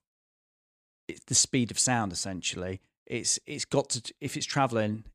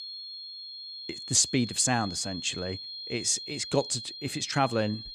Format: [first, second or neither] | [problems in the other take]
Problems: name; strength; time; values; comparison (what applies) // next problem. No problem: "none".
first | high-pitched whine; loud; throughout; 4 kHz, 10 dB below the speech